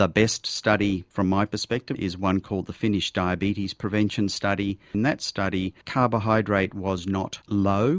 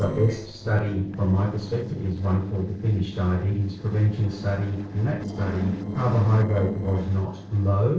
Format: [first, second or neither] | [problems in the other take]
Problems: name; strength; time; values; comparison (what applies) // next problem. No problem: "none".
first | noise reduction (neural separator model SepFormer DNS4)